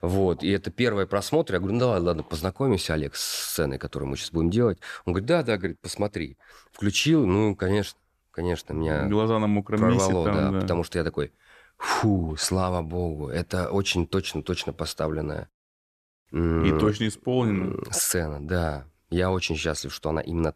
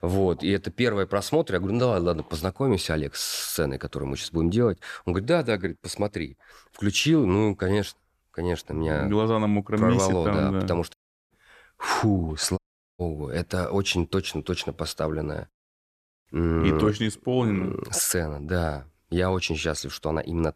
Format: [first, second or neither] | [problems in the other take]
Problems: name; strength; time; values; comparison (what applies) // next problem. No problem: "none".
first | audio cutting out; at 11 s and at 13 s